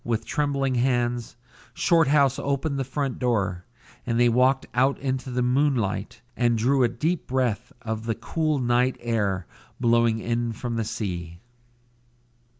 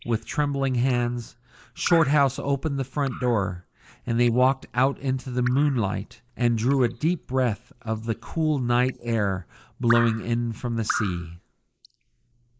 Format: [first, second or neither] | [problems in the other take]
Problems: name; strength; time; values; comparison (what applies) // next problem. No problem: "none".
first | noise reduction (neural mask model Resemble Enhance denoiser)